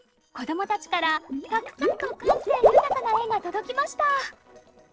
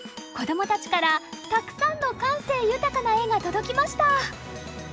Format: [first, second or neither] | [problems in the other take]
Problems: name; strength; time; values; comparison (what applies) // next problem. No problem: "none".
second | noise reduction (neural separator model SepFormer DNS4)